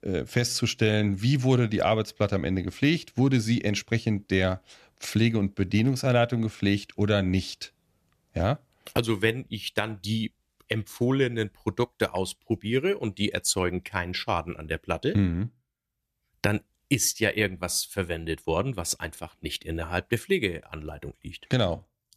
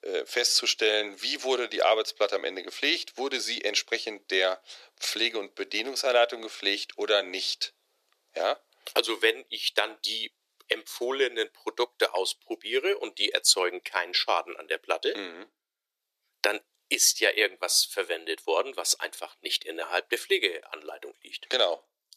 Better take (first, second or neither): first